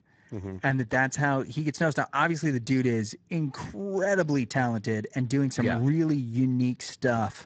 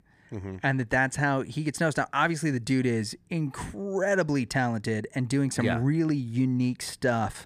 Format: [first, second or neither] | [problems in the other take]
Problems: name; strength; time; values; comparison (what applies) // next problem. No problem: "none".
second | garbled, watery; badly; nothing above 7.5 kHz